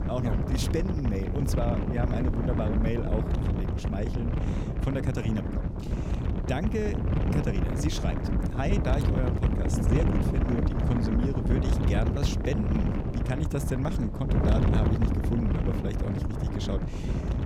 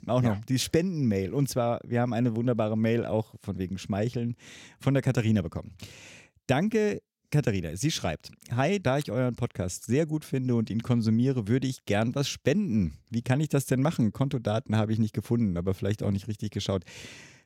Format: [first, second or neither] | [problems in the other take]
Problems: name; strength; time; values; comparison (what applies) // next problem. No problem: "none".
second | wind noise on the microphone; heavy; as loud as the speech